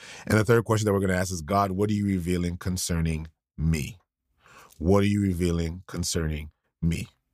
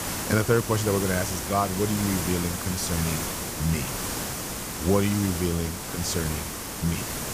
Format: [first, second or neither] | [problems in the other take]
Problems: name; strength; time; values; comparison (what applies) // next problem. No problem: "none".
first | hiss; loud; throughout; 3 dB below the speech